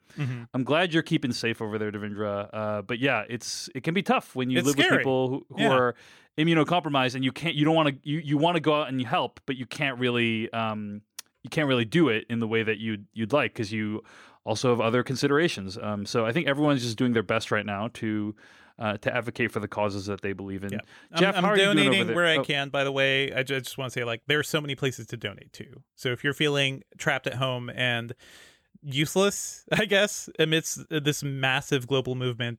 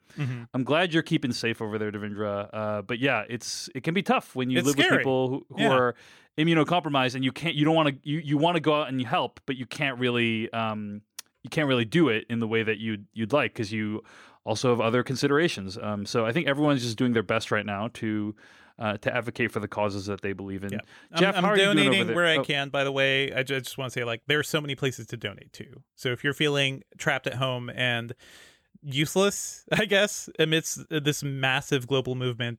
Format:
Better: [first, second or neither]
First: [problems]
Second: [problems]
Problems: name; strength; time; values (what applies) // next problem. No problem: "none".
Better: neither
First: none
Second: none